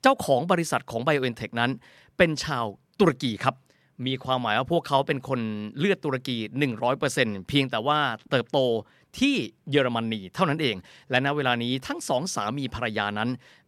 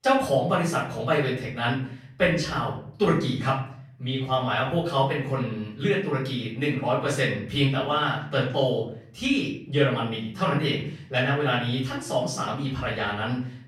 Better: first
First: none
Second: room echo; noticeable; dies away in 0.6 s // off-mic speech; far

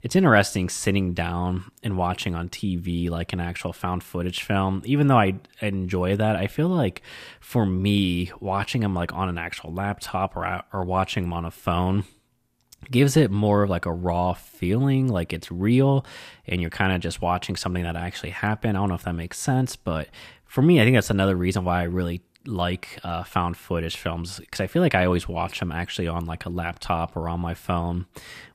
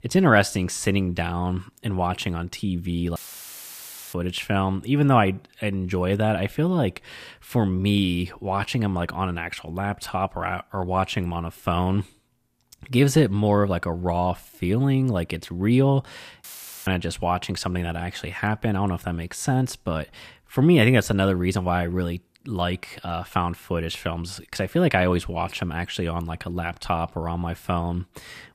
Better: first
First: none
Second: audio cutting out; filled with static; at 3 s for 1 s and at 16 s

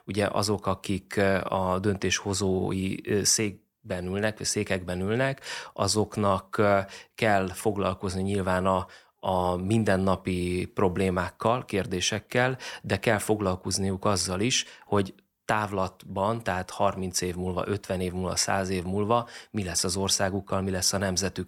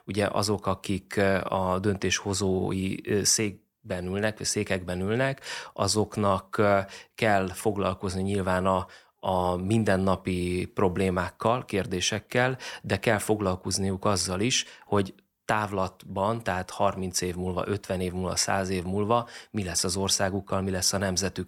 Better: neither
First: none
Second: none

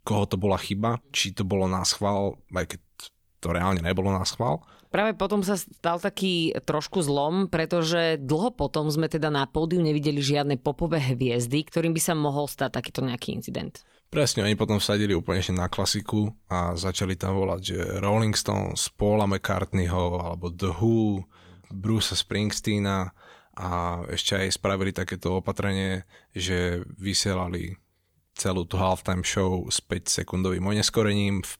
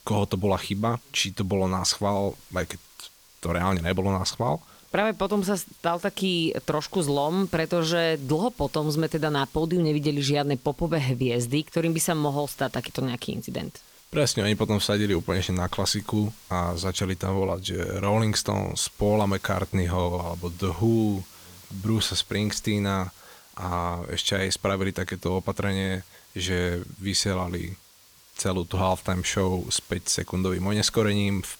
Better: first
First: none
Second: hiss; faint; throughout; 25 dB below the speech

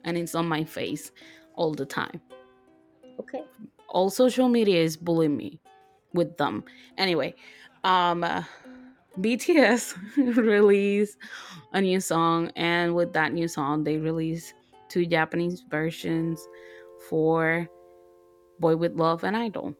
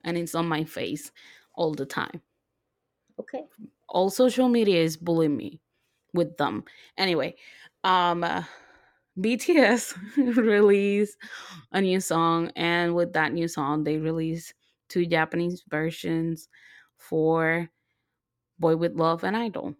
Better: second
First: background music; faint; throughout; 30 dB below the speech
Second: none

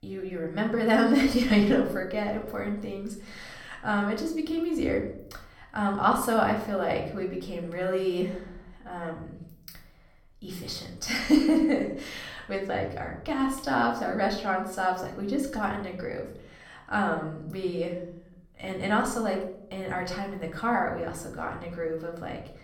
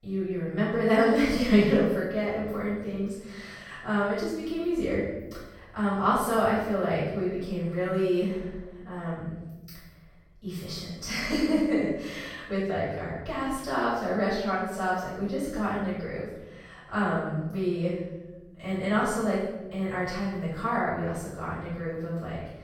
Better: first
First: room echo; slight; dies away in 0.6 s // off-mic speech; somewhat distant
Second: room echo; strong; dies away in 1.1 s // off-mic speech; far

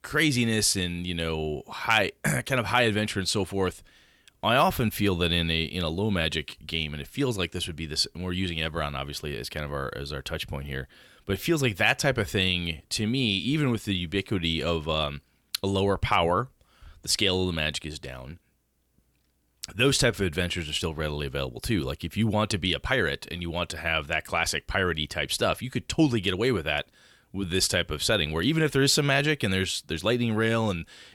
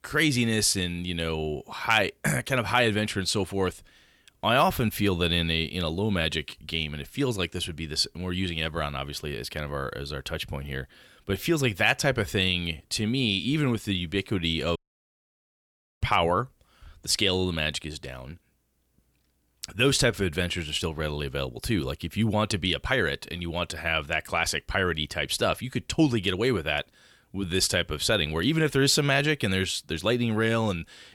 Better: first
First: none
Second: audio cutting out; at 15 s for 1.5 s

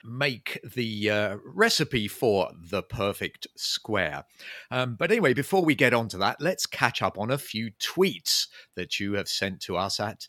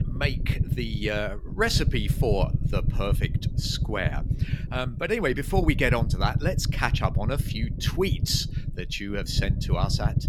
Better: first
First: none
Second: low rumble; noticeable; throughout; 10 dB below the speech

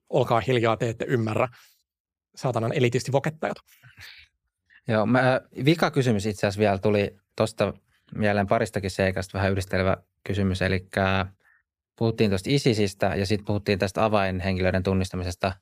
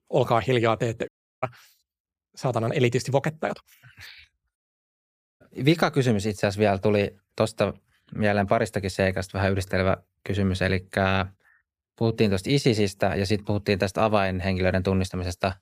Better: first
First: none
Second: audio cutting out; at 1 s and at 4.5 s for 1 s

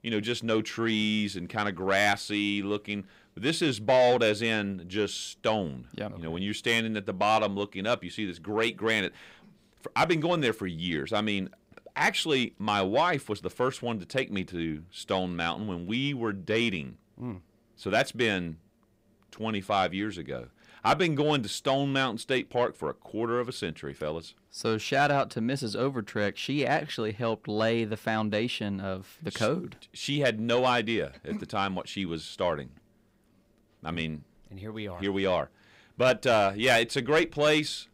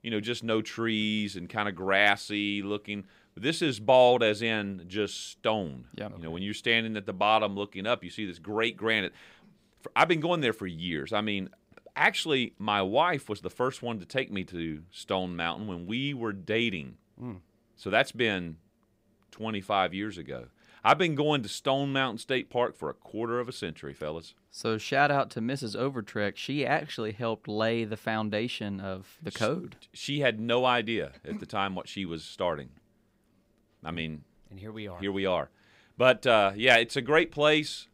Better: second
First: distortion; slight; 10 dB below the speech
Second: none

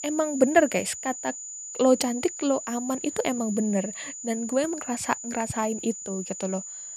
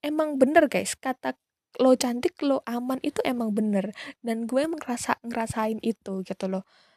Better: second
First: high-pitched whine; loud; throughout; 7 kHz, 9 dB below the speech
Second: none

